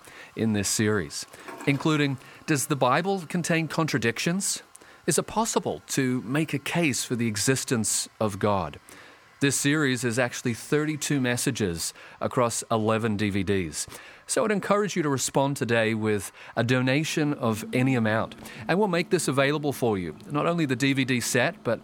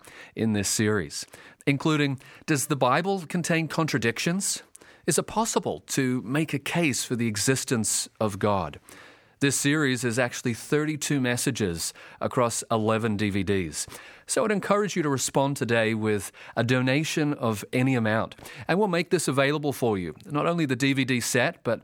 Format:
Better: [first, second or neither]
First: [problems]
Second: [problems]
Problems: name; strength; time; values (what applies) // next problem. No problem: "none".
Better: second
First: household noises; faint; throughout; 25 dB below the speech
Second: none